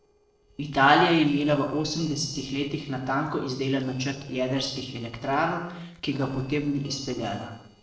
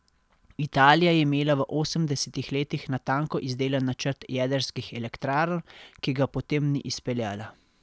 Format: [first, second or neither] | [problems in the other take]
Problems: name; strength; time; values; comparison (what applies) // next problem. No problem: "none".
second | noise reduction (neural separator model SepFormer DNS4)